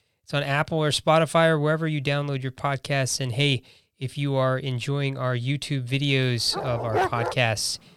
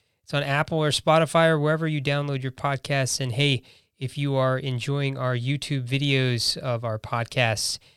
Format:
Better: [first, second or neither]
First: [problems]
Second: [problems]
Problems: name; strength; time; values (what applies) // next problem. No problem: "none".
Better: second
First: animal sounds; loud; from 6 s on; 5 dB below the speech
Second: none